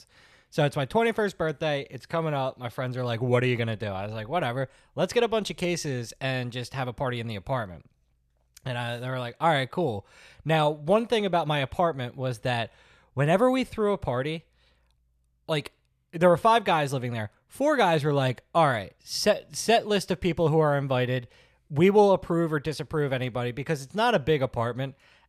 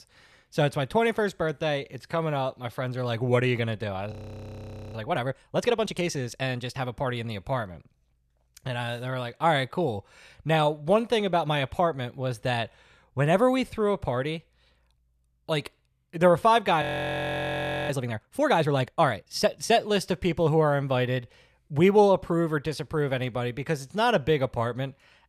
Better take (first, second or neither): first